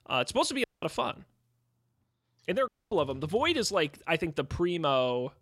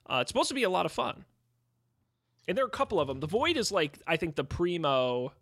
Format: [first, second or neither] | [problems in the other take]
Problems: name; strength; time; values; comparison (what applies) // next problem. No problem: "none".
second | audio cutting out; at 0.5 s and at 2.5 s